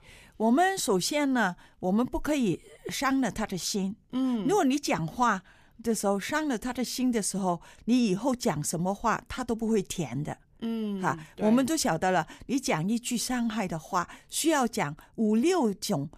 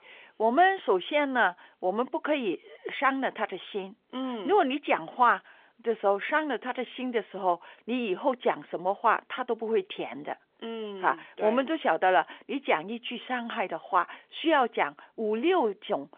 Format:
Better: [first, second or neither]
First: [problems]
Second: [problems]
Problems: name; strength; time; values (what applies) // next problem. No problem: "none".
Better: first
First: none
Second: phone-call audio; nothing above 3.5 kHz